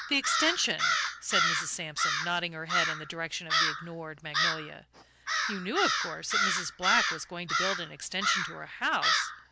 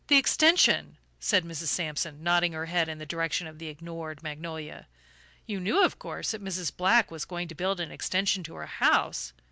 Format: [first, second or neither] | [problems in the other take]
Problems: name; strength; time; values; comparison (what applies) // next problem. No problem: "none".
second | background sound (Crow); 3 dB above the speech